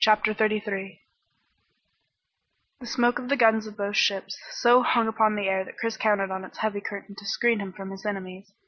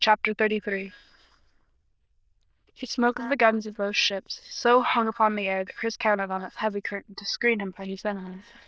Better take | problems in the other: first | noise reduction (neural diffusion model UNIVERSE++)

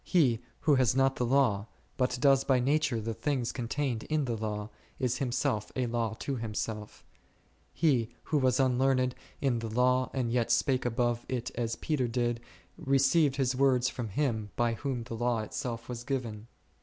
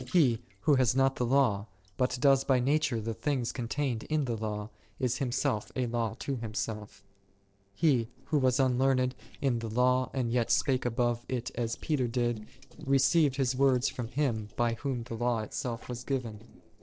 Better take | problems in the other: first | noise reduction (neural separator model SepFormer DNS4)

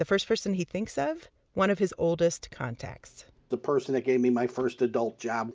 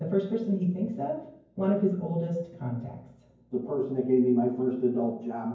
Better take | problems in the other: first | room echo; dies away in 0.9 s

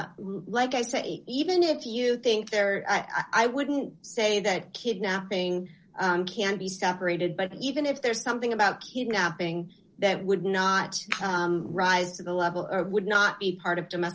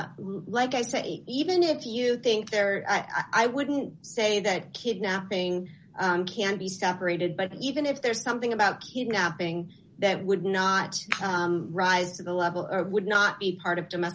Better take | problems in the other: second | noise reduction (neural separator model SepFormer DNS4)

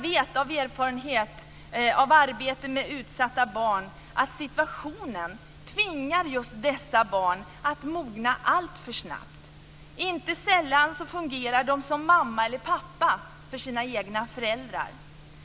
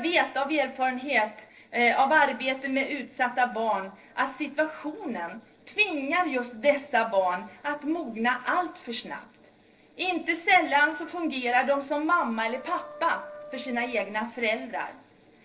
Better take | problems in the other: first | noise reduction (neural separator model SepFormer DNS4)

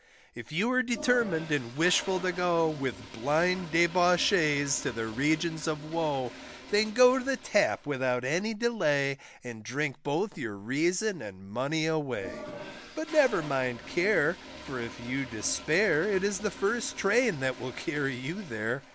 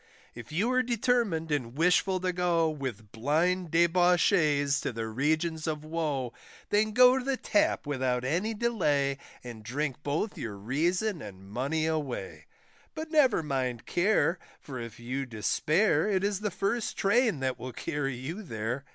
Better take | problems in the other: second | background sound (Toilet flush); 16 dB below the speech

